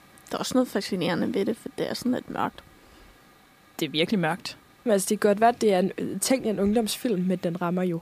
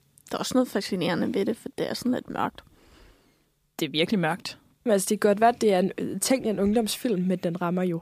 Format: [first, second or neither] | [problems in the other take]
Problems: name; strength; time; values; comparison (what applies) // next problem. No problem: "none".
second | hiss; faint; throughout; 30 dB below the speech